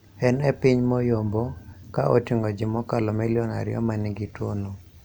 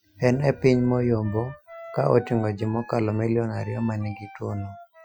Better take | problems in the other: first | noise reduction (classical method Wiener filter)

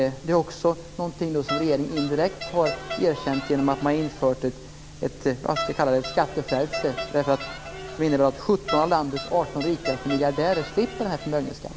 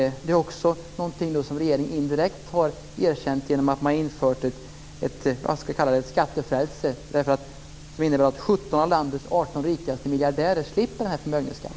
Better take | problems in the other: second | background sound (Crowd); 10 dB below the speech

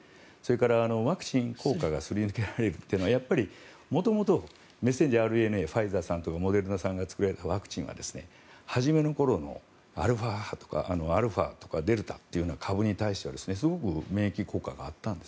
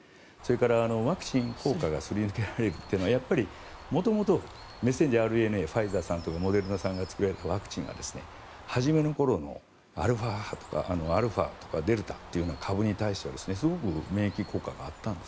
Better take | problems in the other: first | background sound (Bird); 17 dB below the speech

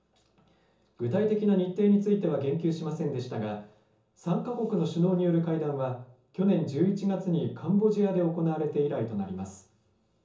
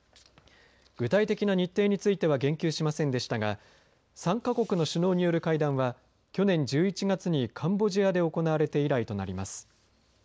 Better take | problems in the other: second | room echo; dies away in 0.6 s

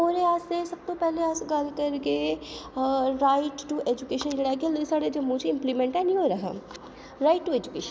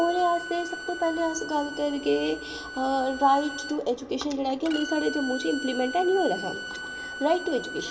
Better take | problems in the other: first | background sound (Bowed string instrument); 10 dB below the speech // room echo; dies away in 2.1 s

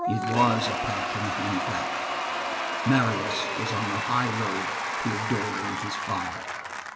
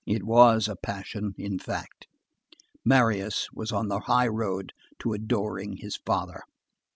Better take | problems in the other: second | background sound (Applause / Crowd / Cheering); as loud as the speech // room echo; dies away in 3 s

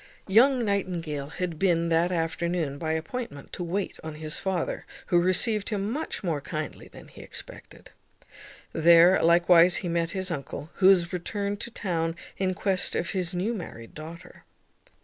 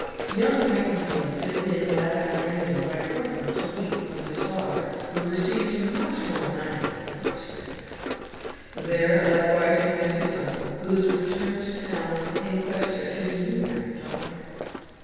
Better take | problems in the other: first | background sound (Run); 7 dB below the speech // room echo; dies away in 2.1 s

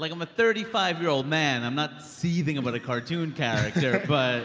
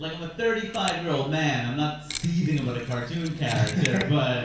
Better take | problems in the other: first | background sound (Mechanisms); 14 dB below the speech // room echo; dies away in 0.4 s

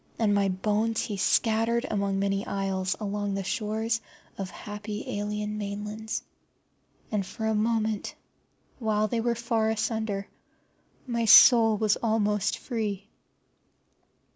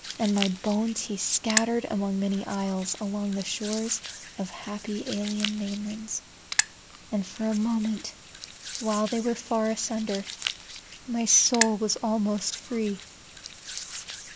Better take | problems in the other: first | background sound (Hands); 8 dB below the speech

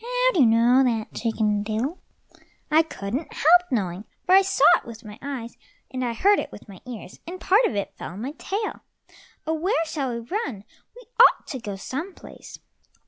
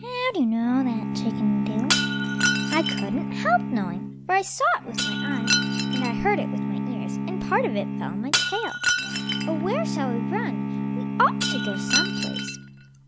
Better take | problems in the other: first | background sound (Bowed string instrument + Shatter); 1 dB above the speech

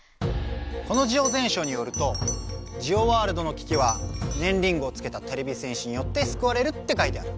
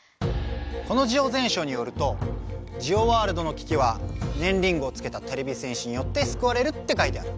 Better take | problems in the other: second | background sound (Bell); 14 dB below the speech

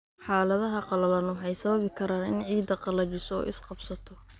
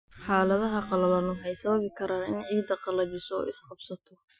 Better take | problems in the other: first | noise reduction (classical method Wiener filter)

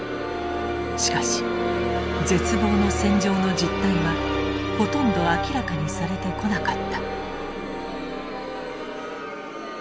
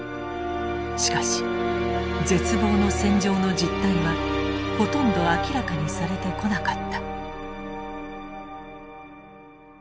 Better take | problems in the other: second | background sound (Crowd); 10 dB below the speech

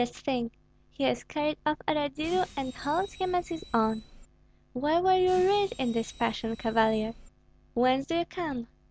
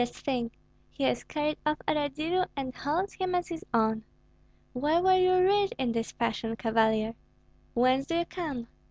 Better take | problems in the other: second | background sound (Bus); 19 dB below the speech

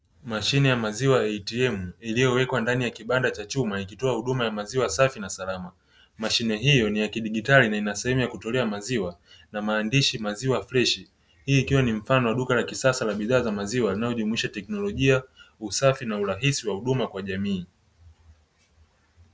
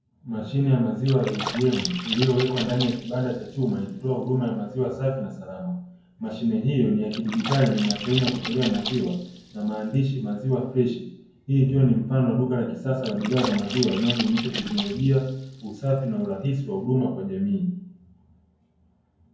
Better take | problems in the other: first | background sound (Splash, splatter); 11 dB below the speech // room echo; dies away in 0.9 s

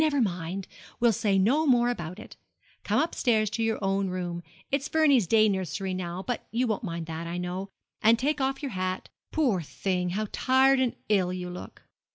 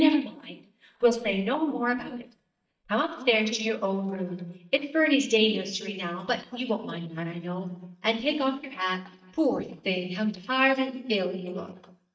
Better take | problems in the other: first | noise reduction (neural mask model DeepFilterNet 3)

